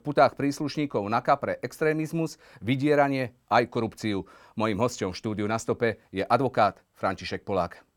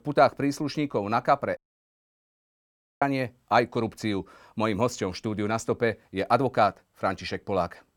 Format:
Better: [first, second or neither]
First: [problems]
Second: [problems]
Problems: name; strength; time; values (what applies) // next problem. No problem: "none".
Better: first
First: none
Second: audio cutting out; at 1.5 s for 1.5 s